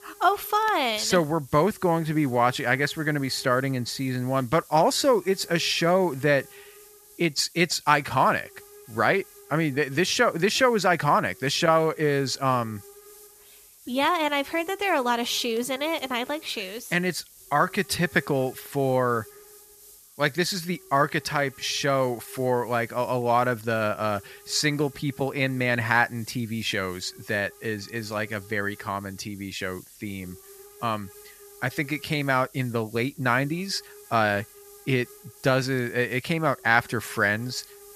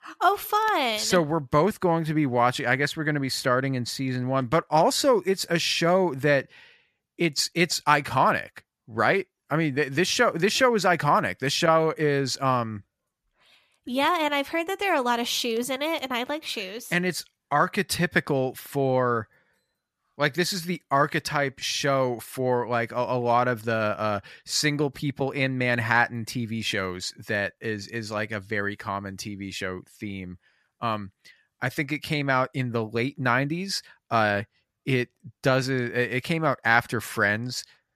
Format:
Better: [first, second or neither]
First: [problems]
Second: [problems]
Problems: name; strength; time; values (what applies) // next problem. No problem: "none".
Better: second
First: hiss; faint; throughout; 20 dB below the speech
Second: none